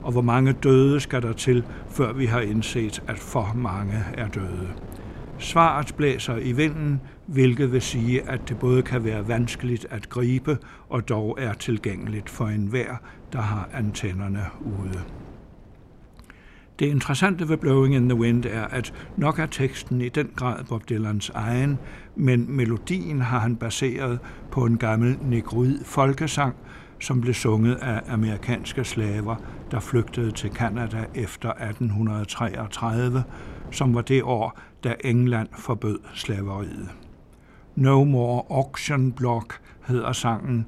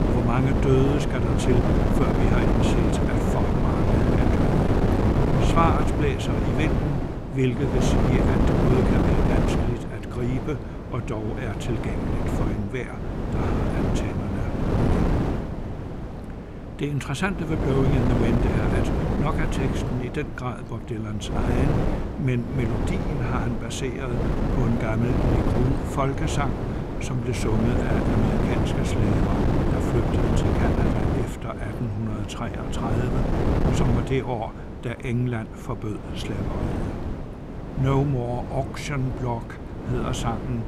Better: first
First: wind noise on the microphone; occasional gusts; 20 dB below the speech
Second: wind noise on the microphone; heavy; 2 dB above the speech

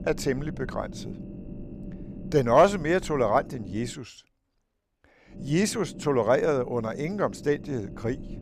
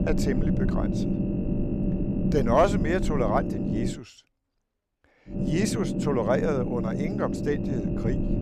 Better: first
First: low rumble; faint; until 4 s and from 5.5 s on; 20 dB below the speech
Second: low rumble; loud; until 4 s and from 5.5 s on; 6 dB below the speech

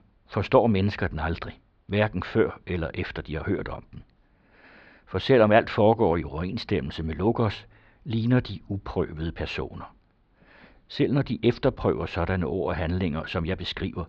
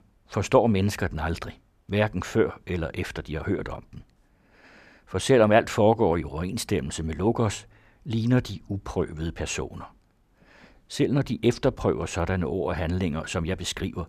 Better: second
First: muffled; very slightly; fading above 4.5 kHz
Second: none

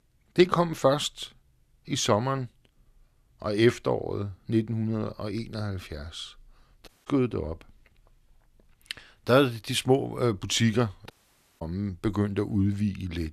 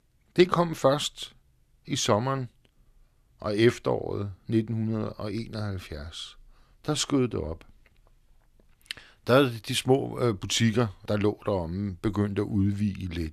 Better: second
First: audio cutting out; at 7 s and at 11 s for 0.5 s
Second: none

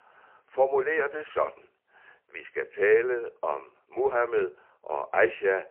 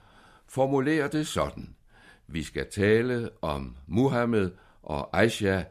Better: second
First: phone-call audio; poor line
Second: none

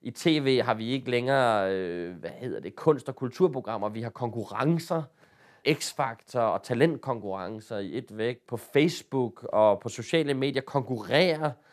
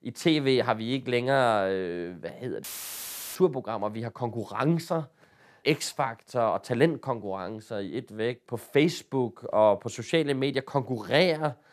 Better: first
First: none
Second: audio cutting out; filled with static; at 2.5 s for 0.5 s

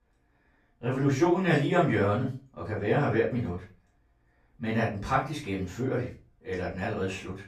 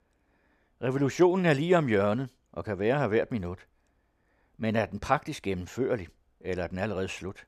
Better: second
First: off-mic speech; far // room echo; slight; dies away in 0.3 s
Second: none

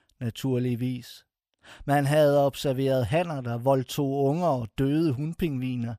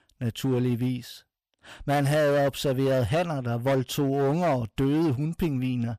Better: first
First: none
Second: distortion; slight; 14% of the sound clipped

